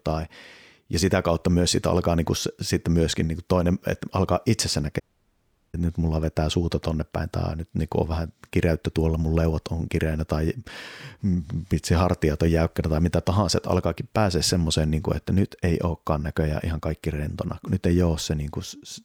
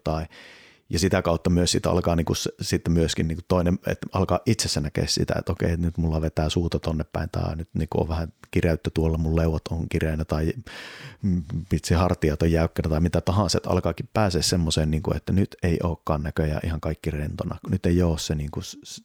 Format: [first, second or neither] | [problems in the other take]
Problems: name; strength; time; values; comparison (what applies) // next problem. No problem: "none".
second | audio cutting out; at 5 s for 0.5 s